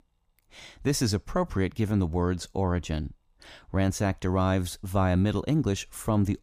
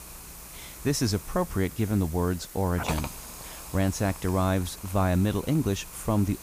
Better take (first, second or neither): first